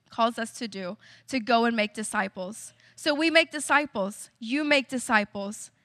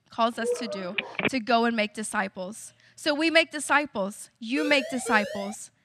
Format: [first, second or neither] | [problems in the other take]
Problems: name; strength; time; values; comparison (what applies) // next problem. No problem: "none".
first | phone ringing; noticeable; at 0.5 s; peak 2 dB below the speech // siren; noticeable; at 4.5 s; peak 8 dB below the speech